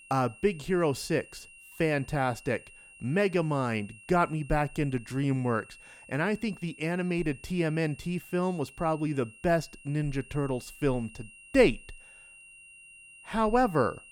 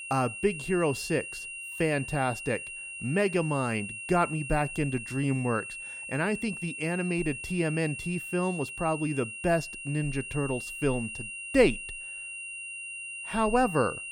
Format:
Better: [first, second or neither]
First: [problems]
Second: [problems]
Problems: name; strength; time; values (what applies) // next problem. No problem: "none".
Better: first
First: high-pitched whine; faint; throughout; 3 kHz, 20 dB below the speech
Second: high-pitched whine; loud; throughout; 3 kHz, 8 dB below the speech